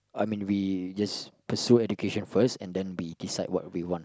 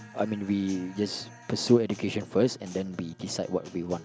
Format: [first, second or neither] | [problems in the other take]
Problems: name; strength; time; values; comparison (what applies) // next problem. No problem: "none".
first | background sound (Guitar); 20 dB below the speech